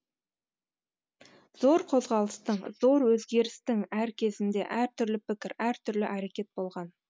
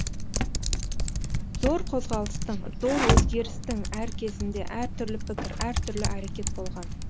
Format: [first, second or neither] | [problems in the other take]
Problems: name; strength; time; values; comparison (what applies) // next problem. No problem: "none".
first | background sound (Typing); 5 dB above the speech